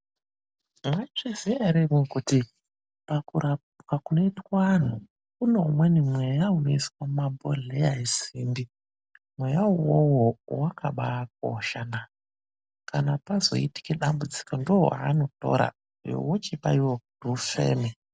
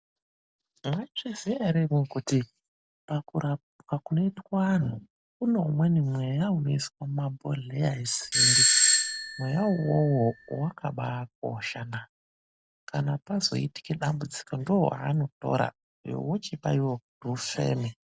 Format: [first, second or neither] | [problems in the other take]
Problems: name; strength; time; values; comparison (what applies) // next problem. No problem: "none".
first | background sound (Doorbell); 5 dB above the speech